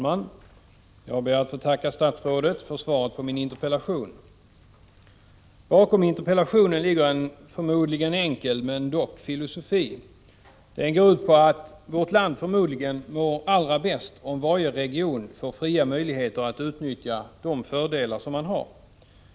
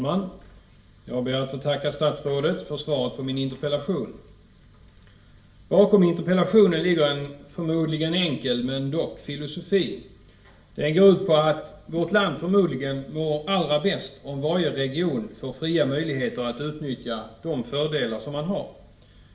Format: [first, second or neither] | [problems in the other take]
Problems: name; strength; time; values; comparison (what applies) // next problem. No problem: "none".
first | room echo; dies away in 0.5 s